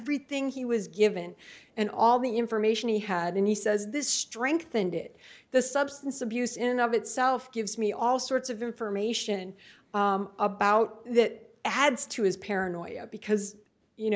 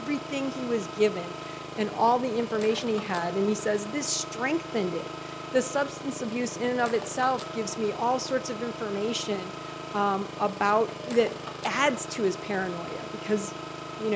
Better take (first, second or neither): first